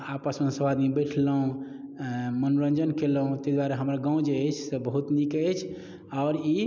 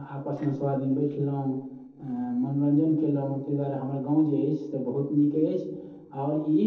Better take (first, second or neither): first